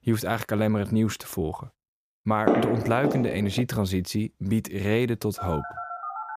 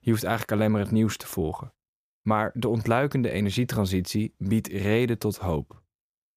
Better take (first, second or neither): second